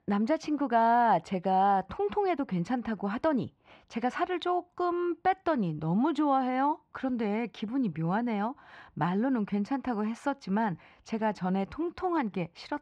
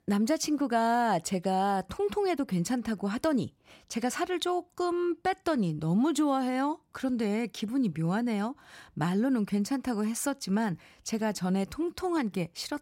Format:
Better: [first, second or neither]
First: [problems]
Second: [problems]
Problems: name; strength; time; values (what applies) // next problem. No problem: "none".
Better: second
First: muffled; very; fading above 2.5 kHz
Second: none